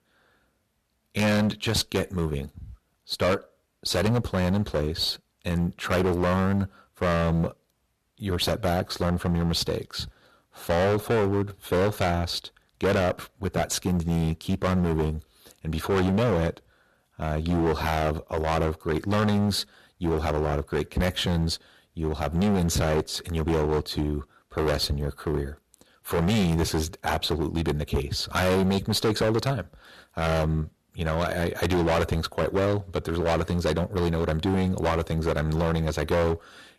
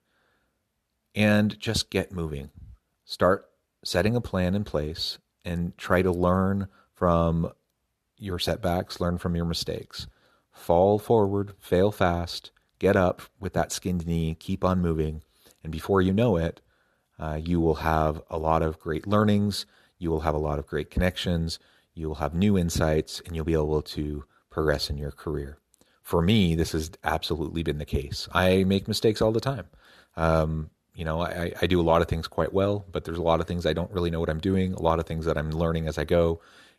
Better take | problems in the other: second | distortion; heavy; 16% of the sound clipped

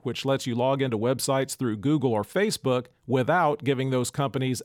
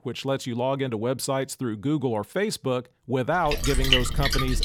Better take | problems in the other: first | rain or running water; very loud; from 3.5 s on; 2 dB above the speech

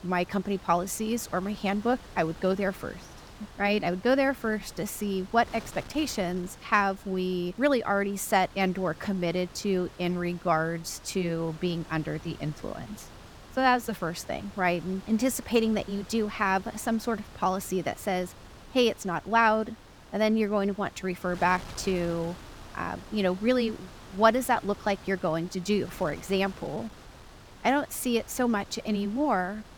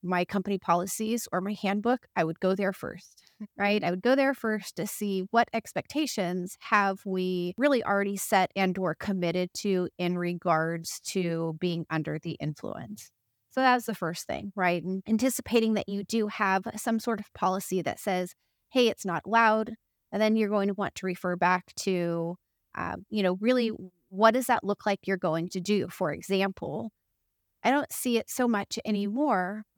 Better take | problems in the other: second | wind noise on the microphone; occasional gusts; 20 dB below the speech

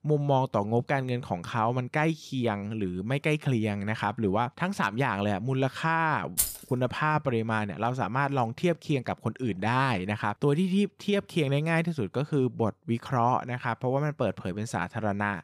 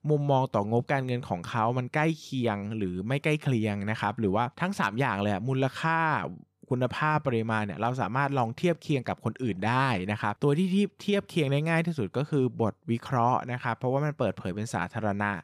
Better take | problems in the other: second | jangling keys; loud; at 6.5 s; peak 1 dB above the speech

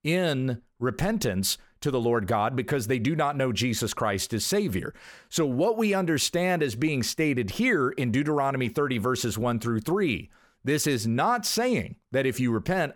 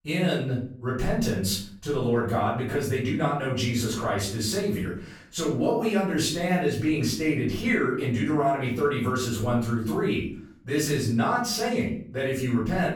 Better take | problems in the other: first | off-mic speech; far // room echo; noticeable; dies away in 0.5 s

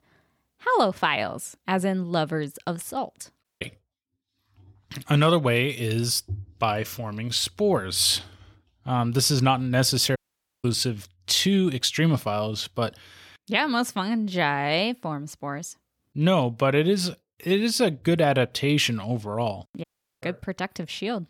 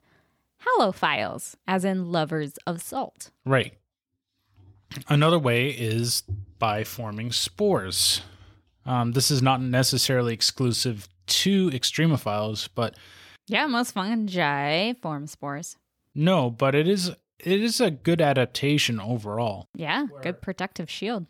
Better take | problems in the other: second | audio cutting out; at 3.5 s, at 10 s and at 20 s

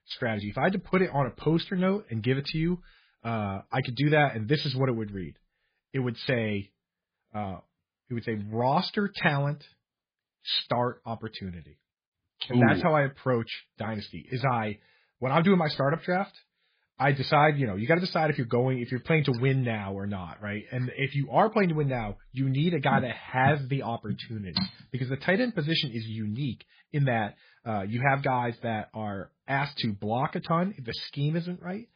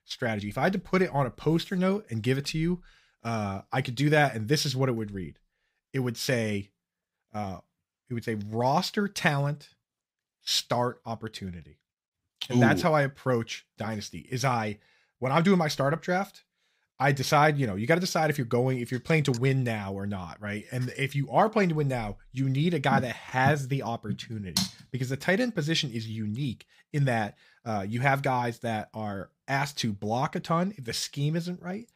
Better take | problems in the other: second | garbled, watery; badly; nothing above 4 kHz

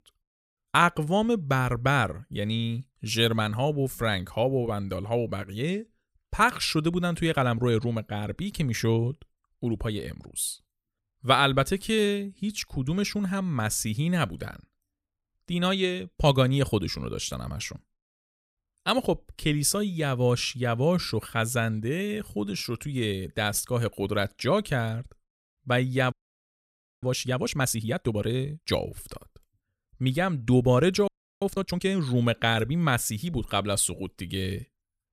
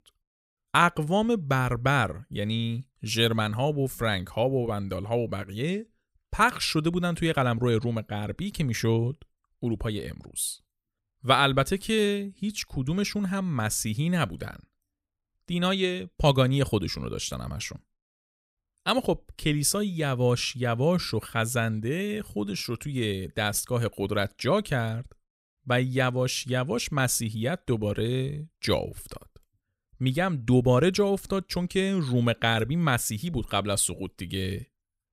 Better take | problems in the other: second | audio freezing; at 26 s for 1 s and at 31 s

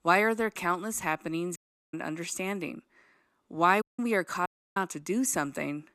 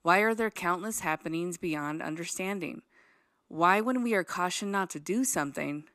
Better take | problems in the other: second | audio cutting out; at 1.5 s, at 4 s and at 4.5 s

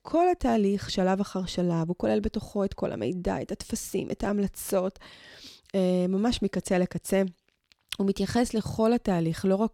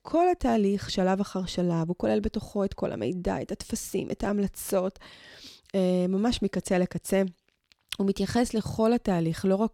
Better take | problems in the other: neither | none

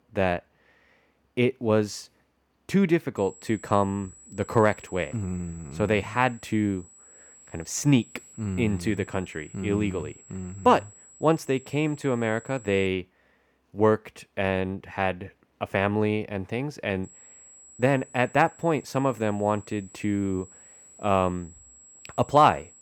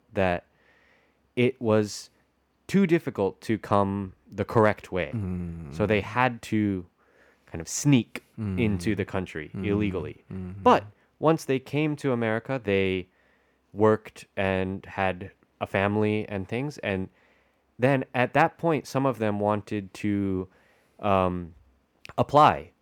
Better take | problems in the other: second | high-pitched whine; faint; from 3 to 13 s and from 17 s on; 7.5 kHz, 25 dB below the speech

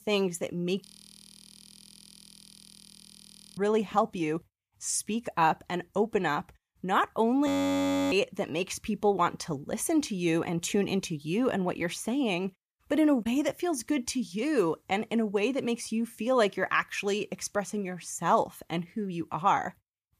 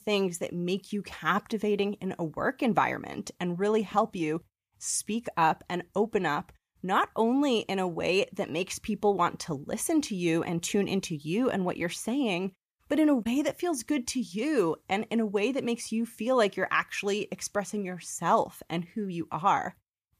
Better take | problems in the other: second | audio freezing; at 1 s for 2.5 s and at 7.5 s for 0.5 s

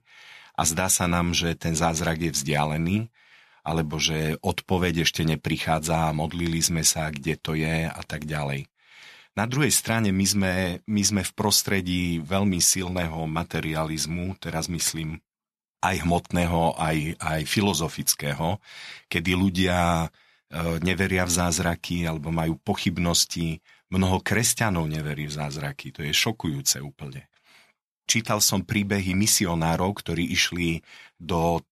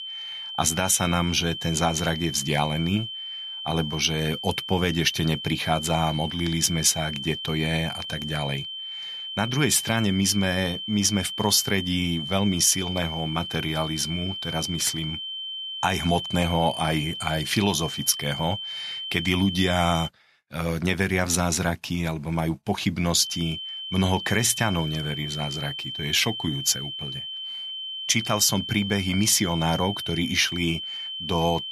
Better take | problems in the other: first | high-pitched whine; loud; until 20 s and from 23 s on; 3 kHz, 7 dB below the speech

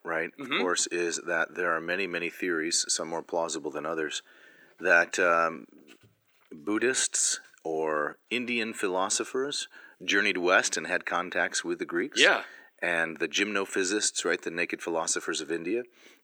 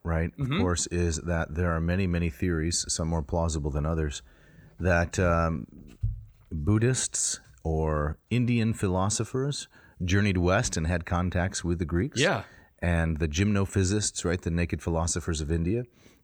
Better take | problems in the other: second | thin; very; fading below 300 Hz

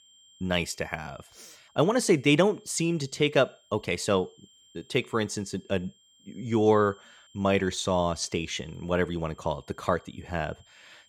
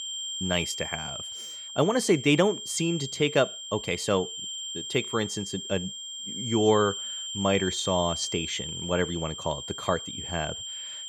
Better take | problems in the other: first | high-pitched whine; loud; throughout; 3 kHz, 6 dB below the speech; faint in the first

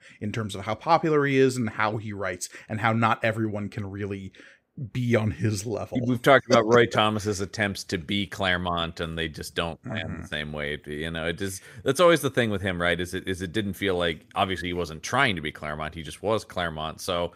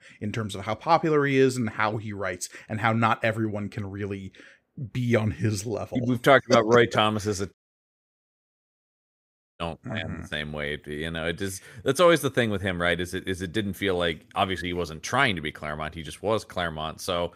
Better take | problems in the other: first | audio cutting out; at 7.5 s for 2 s

